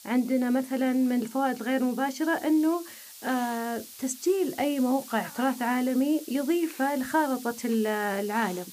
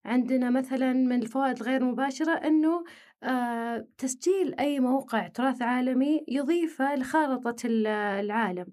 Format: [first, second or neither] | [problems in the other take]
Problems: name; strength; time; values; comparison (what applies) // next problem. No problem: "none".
second | hiss; noticeable; throughout; 15 dB below the speech